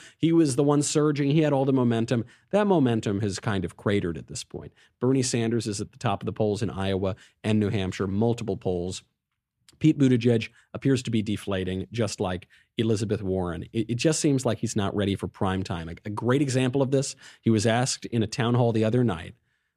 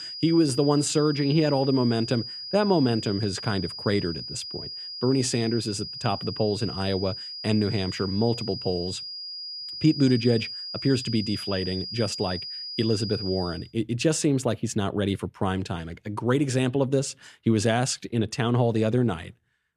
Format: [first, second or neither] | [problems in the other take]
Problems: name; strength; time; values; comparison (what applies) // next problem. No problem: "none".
first | high-pitched whine; loud; until 14 s; 5 kHz, 8 dB below the speech